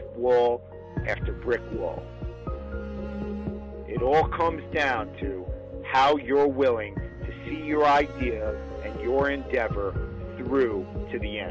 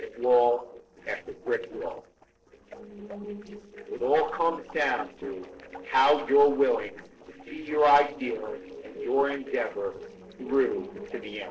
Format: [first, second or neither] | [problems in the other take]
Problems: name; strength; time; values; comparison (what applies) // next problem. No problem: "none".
first | noise reduction (neural separator model SepFormer DNS4)